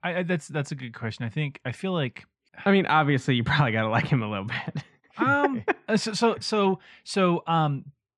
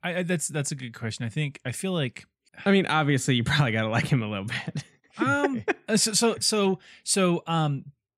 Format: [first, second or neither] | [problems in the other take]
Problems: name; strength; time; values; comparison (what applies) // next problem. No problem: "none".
second | muffled; slightly; fading above 3.5 kHz